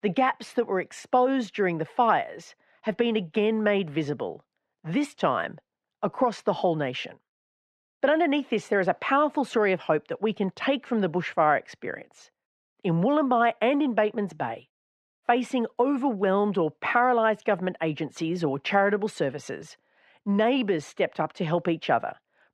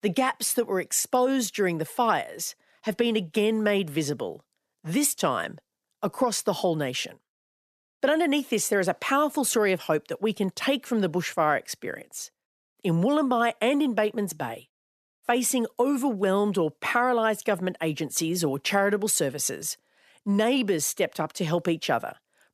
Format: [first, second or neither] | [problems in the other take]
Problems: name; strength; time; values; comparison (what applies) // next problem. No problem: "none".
second | muffled; very; fading above 2.5 kHz